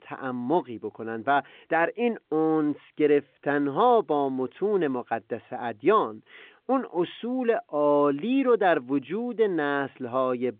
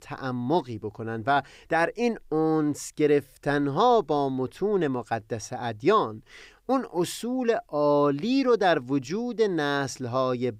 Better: second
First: phone-call audio; nothing above 3.5 kHz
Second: none

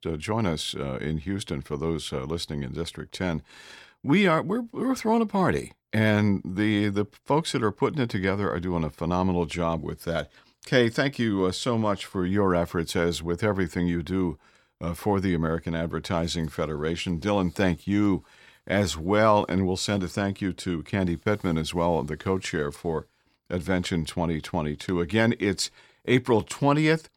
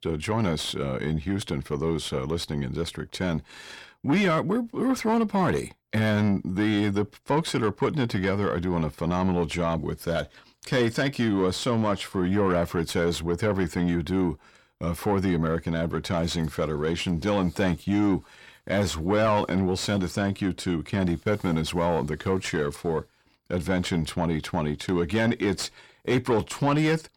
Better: first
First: none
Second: distortion; slight; 10 dB below the speech

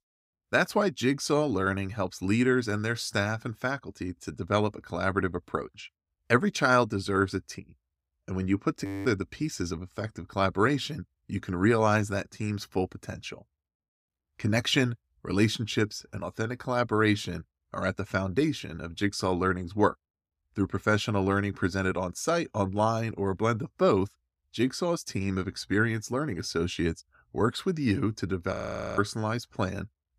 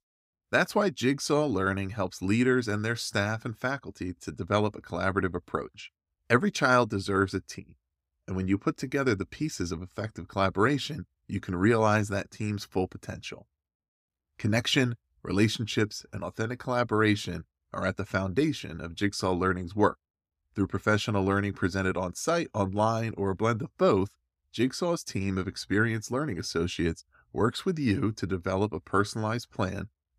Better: second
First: audio freezing; at 9 s and at 29 s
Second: none

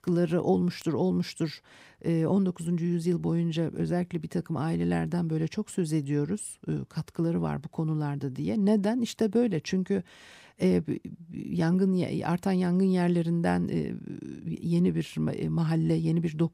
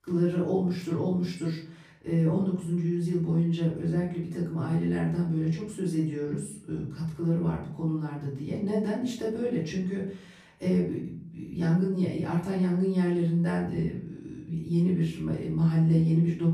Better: first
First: none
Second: off-mic speech; far // room echo; noticeable; dies away in 0.4 s

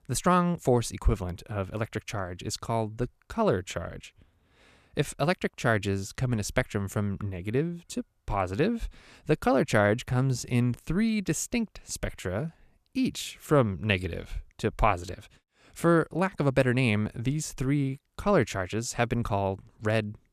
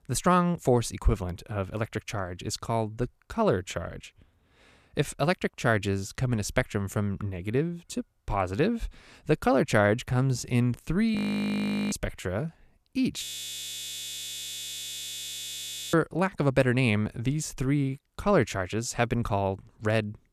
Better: first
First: none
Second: audio freezing; at 11 s for 1 s and at 13 s for 2.5 s

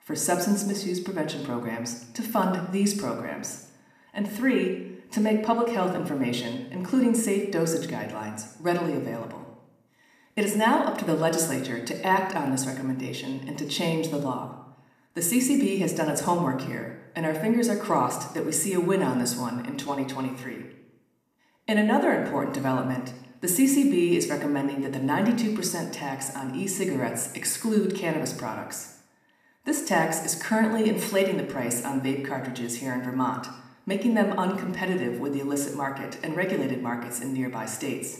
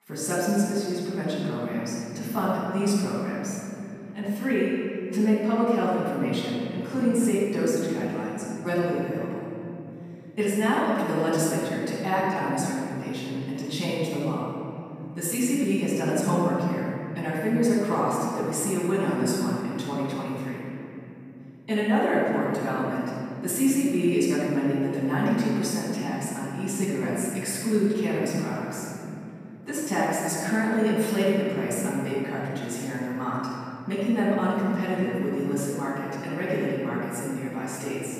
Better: first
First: room echo; slight; dies away in 0.7 s // off-mic speech; somewhat distant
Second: room echo; strong; dies away in 3 s // off-mic speech; far

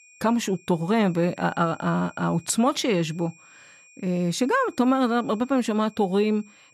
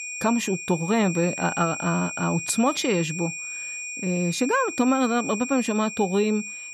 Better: first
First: high-pitched whine; faint; throughout; 2.5 kHz, 25 dB below the speech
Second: high-pitched whine; loud; throughout; 2.5 kHz, 7 dB below the speech

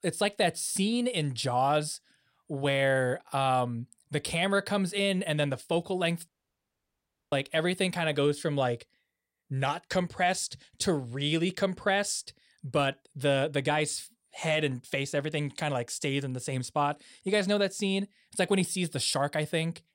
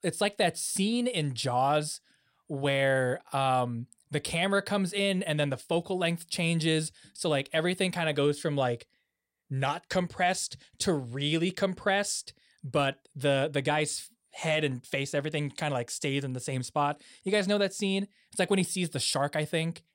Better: second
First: audio cutting out; at 6.5 s for 1 s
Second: none

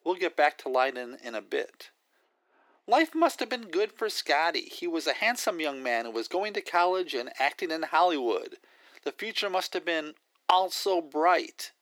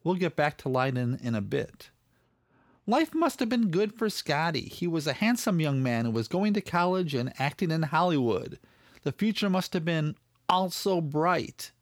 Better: second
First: thin; very; fading below 300 Hz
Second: none

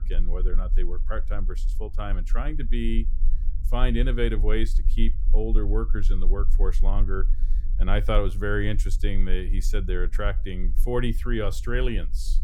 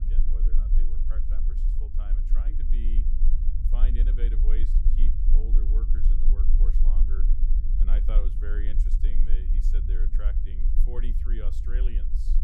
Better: first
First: low rumble; faint; throughout; 20 dB below the speech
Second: low rumble; loud; throughout; 3 dB below the speech

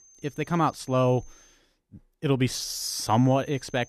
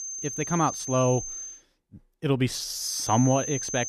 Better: first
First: high-pitched whine; faint; until 1.5 s and from 3 s on; 6.5 kHz, 25 dB below the speech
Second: high-pitched whine; loud; until 1.5 s and from 3 s on; 6.5 kHz, 6 dB below the speech

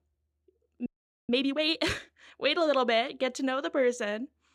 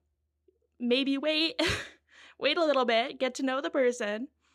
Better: second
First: audio freezing; at 1 s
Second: none

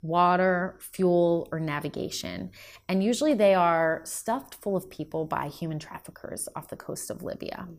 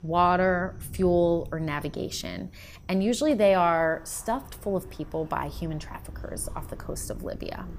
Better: first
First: none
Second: rain or running water; noticeable; throughout; 15 dB below the speech

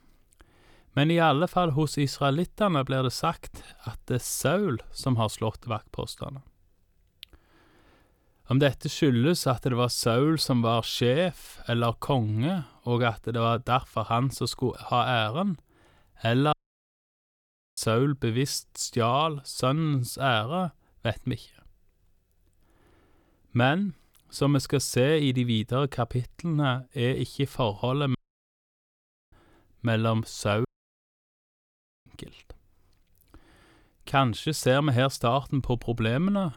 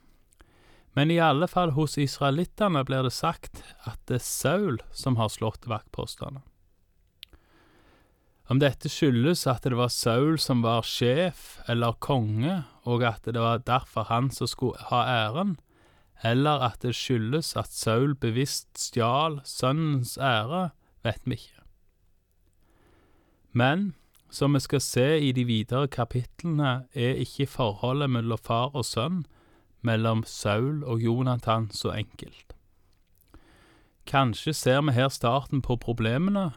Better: second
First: audio cutting out; at 17 s for 1 s, at 28 s for 1 s and at 31 s for 1.5 s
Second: none

